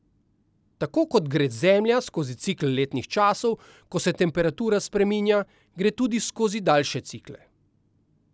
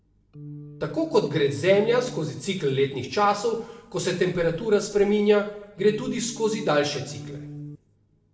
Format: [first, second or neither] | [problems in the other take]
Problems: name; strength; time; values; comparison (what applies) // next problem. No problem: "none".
first | background sound (Organ); 14 dB below the speech // room echo; dies away in 0.7 s